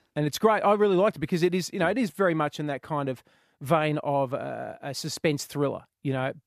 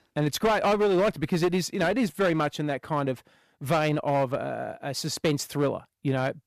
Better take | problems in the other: first | distortion; slight; 10% of the sound clipped

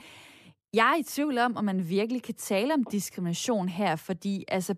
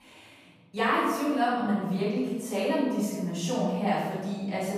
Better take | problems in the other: first | off-mic speech; far // room echo; strong; dies away in 1.2 s

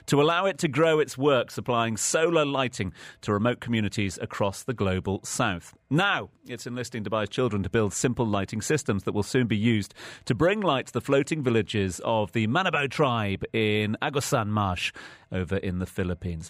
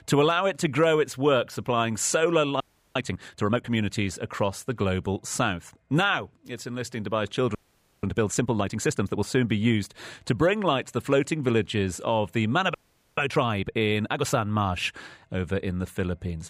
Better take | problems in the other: first | audio freezing; at 2.5 s, at 7.5 s and at 13 s

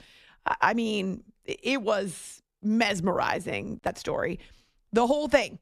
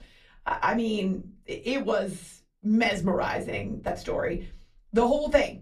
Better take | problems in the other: first | off-mic speech; far // room echo; very slight; dies away in 0.3 s

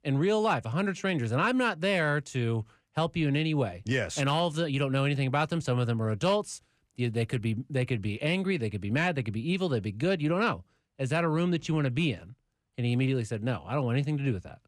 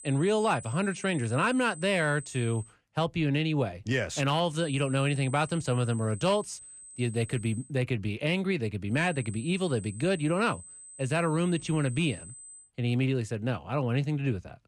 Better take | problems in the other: first | high-pitched whine; noticeable; until 2.5 s, from 4.5 to 7.5 s and from 9 to 13 s; 8 kHz, 15 dB below the speech

